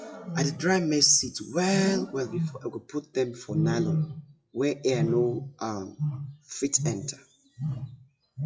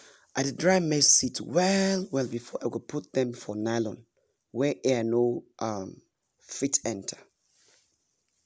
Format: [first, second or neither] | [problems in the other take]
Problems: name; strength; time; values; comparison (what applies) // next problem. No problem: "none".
second | noise reduction (classical method WPE with log-MMSE)